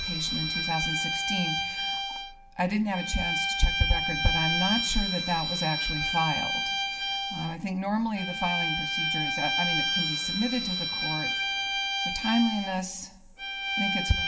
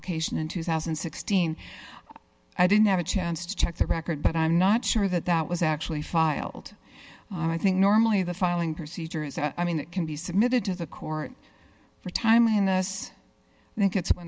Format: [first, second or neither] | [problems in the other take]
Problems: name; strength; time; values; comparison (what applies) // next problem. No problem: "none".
second | background sound (Bowed string instrument); as loud as the speech // room echo; dies away in 0.8 s